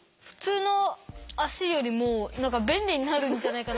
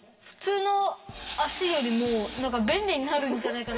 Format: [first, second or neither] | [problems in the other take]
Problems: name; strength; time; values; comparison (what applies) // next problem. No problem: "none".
first | background sound (Tools); 13 dB below the speech // room echo; dies away in 1.5 s